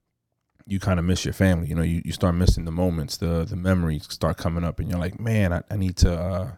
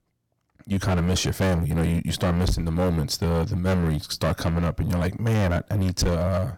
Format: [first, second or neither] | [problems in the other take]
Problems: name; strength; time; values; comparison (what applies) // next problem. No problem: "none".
first | distortion; heavy; 19% of the sound clipped